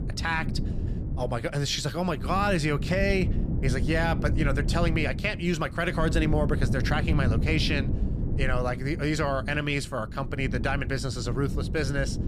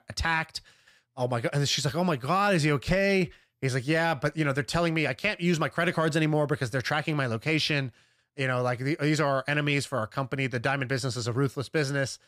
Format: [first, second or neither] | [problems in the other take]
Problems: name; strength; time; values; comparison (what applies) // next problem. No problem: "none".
second | wind noise on the microphone; occasional gusts; 10 dB below the speech